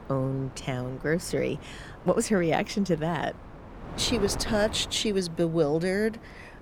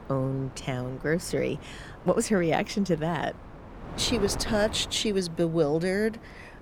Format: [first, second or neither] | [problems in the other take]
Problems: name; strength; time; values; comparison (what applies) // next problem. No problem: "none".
neither | wind noise on the microphone; occasional gusts; 15 dB below the speech; the same in both